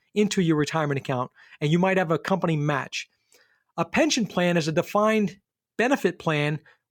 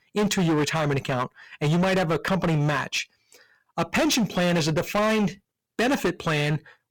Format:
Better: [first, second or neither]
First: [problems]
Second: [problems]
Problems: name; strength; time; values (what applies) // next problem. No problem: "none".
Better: first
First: none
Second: distortion; heavy; 18% of the sound clipped